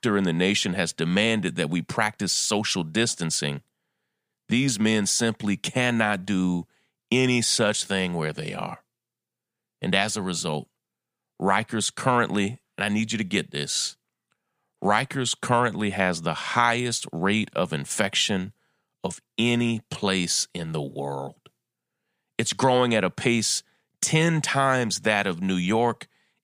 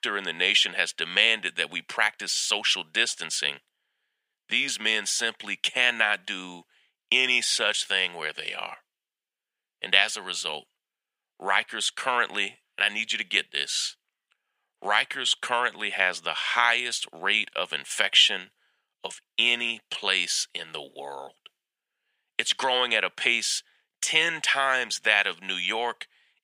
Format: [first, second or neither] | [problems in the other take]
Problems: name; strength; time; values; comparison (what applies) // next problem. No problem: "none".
first | thin; very; fading below 550 Hz